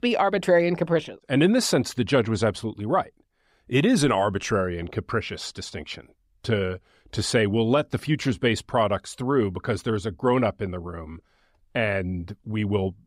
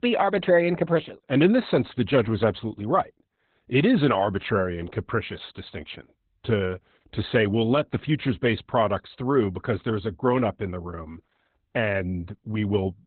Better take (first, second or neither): first